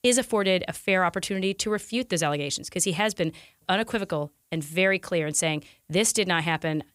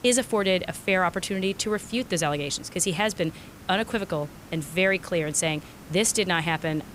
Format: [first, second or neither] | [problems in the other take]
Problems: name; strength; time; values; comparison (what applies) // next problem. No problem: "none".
first | hiss; noticeable; throughout; 20 dB below the speech